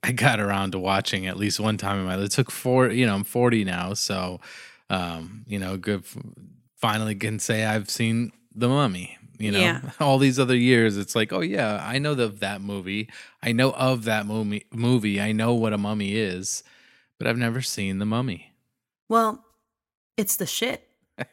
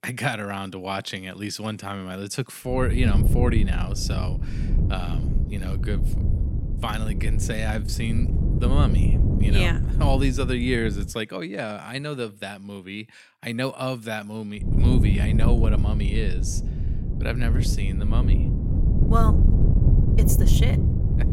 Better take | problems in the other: first | wind noise on the microphone; heavy; from 2.5 to 11 s and from 15 s on; 5 dB below the speech

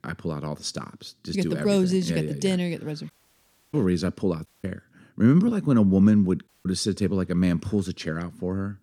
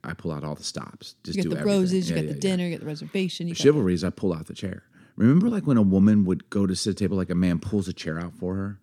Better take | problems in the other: second | audio cutting out; at 3 s for 0.5 s, at 4.5 s and at 6.5 s

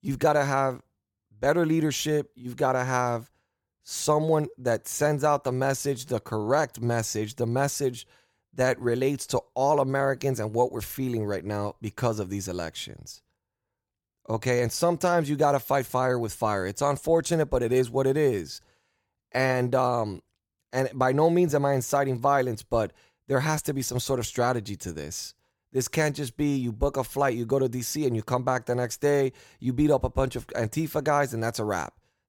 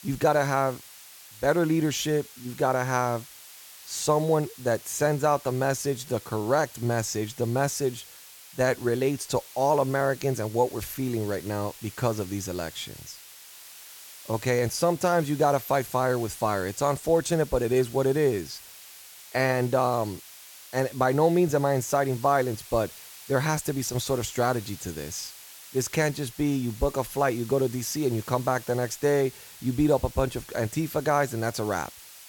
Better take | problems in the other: first | hiss; noticeable; throughout; 15 dB below the speech

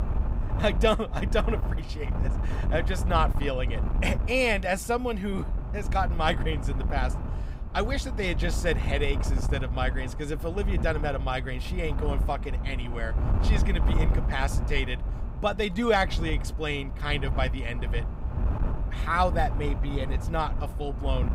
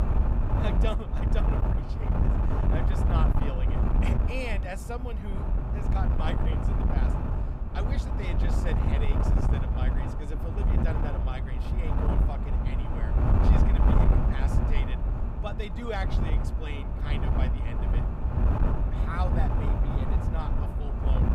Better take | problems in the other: first | wind noise on the microphone; heavy; 2 dB above the speech; occasional gusts in the first

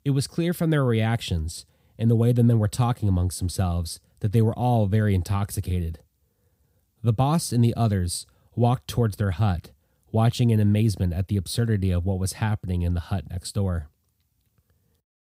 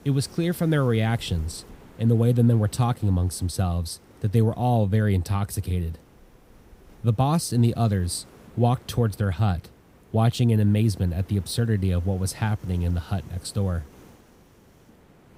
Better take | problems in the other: first | hiss; faint; throughout; 25 dB below the speech

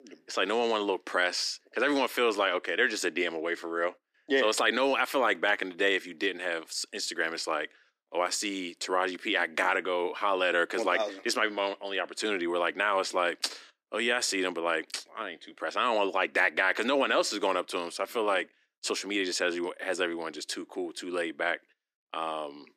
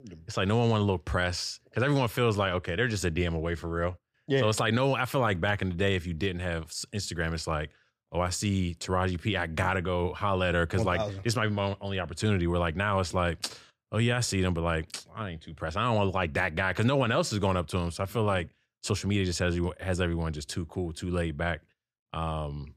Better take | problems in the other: second | thin; somewhat; fading below 300 Hz

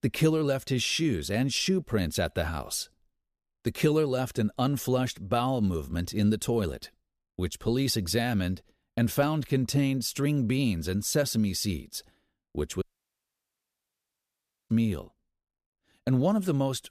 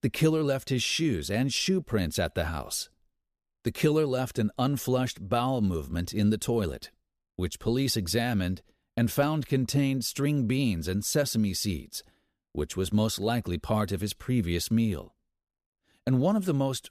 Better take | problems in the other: second | audio cutting out; at 13 s for 2 s

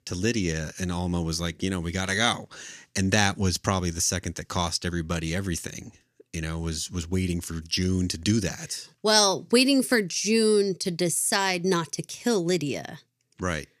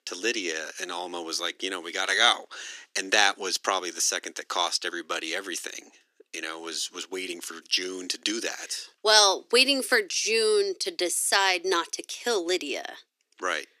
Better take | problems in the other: first | thin; very; fading below 300 Hz

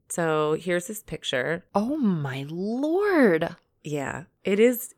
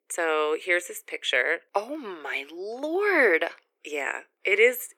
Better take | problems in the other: first | thin; very; fading below 350 Hz

